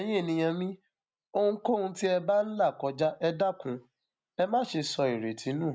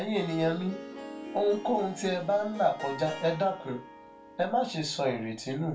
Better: first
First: none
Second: background sound (Harp); 14 dB below the speech // room echo; dies away in 0.2 s

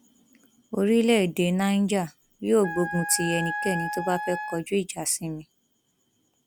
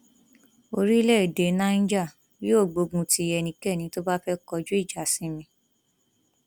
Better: second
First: background sound (Wind instrument, woodwind instrument); 6 dB below the speech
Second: none

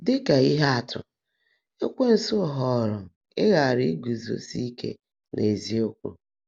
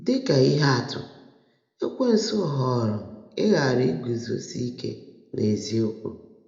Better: first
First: none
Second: room echo; dies away in 0.5 s

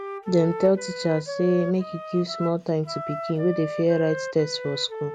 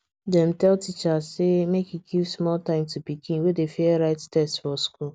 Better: second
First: background sound (Wind instrument, woodwind instrument); 9 dB below the speech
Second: none

